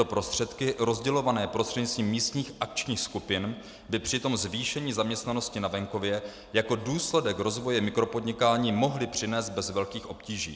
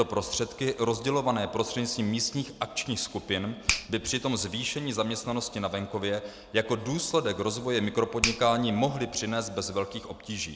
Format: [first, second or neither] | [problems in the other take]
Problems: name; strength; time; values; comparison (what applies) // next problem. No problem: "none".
first | background sound (Finger snapping); 12 dB below the speech